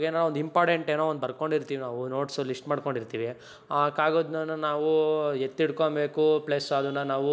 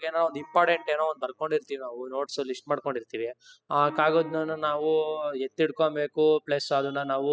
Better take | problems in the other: first | noise reduction (classical method spectral subtraction)

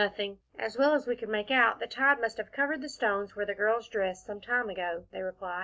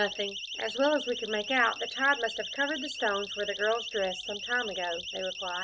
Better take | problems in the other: first | background sound (Siren); 8 dB below the speech

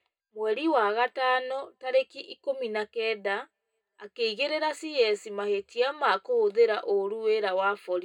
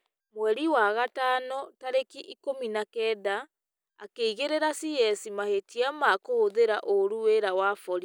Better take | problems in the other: second | room echo; dies away in 0.2 s

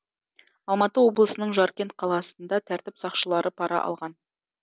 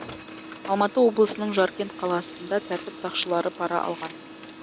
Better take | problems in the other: first | background sound (Printer); 14 dB below the speech

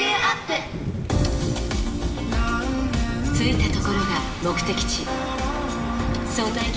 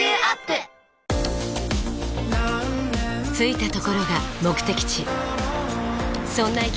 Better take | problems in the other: second | background sound (Thunder / Rain); 5 dB below the speech // room echo; dies away in 2.9 s

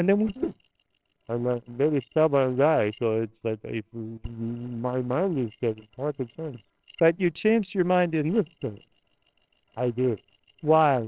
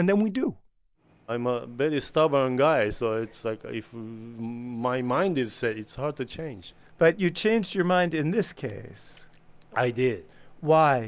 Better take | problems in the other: second | noise reduction (neural separator model SepFormer WHAMR!)

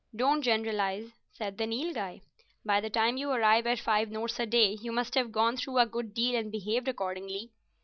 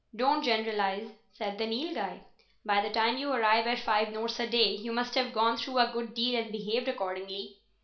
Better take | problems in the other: first | room echo; dies away in 0.4 s

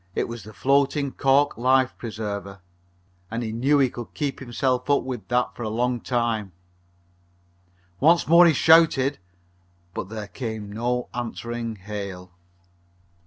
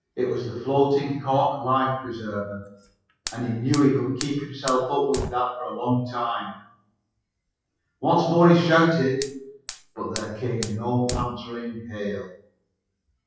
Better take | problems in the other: first | noise reduction (classical method WPE with log-MMSE)

